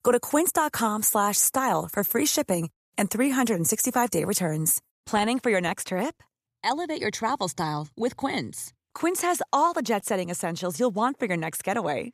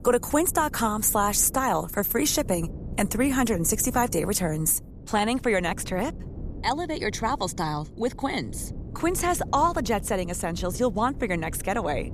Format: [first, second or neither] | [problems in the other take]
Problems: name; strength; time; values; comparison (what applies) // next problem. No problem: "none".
first | wind noise on the microphone; occasional gusts; 20 dB below the speech